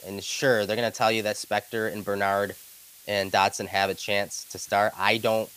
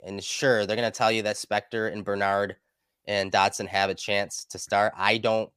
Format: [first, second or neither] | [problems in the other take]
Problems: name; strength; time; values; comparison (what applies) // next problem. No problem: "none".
second | hiss; noticeable; throughout; 20 dB below the speech